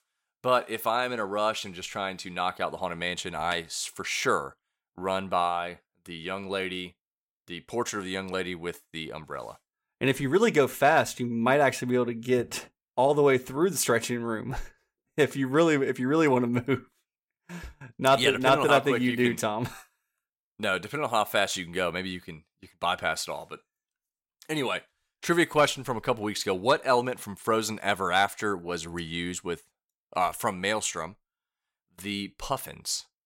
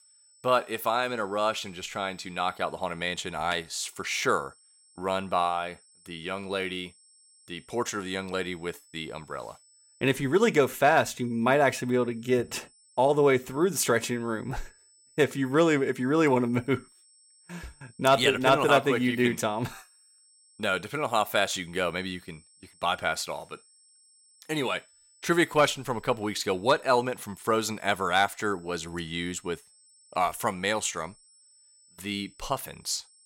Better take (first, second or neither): first